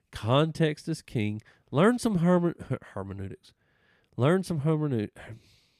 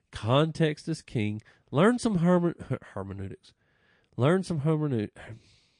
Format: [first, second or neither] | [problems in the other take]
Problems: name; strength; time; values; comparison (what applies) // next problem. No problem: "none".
first | garbled, watery; slightly; nothing above 9.5 kHz